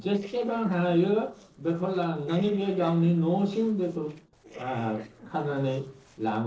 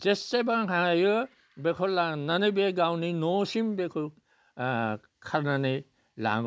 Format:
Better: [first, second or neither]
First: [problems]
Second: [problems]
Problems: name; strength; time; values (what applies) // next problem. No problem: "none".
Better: second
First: noise reduction (neural separator model SepFormer DNS4)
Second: none